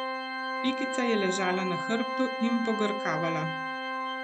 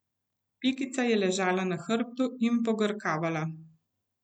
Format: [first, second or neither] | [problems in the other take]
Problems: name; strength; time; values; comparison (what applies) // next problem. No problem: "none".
second | background sound (Organ); 2 dB below the speech